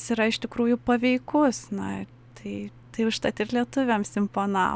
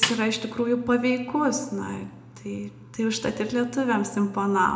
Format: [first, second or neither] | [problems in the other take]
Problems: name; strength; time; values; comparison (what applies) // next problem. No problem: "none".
first | background sound (Snare drum); 5 dB below the speech // room echo; dies away in 0.5 s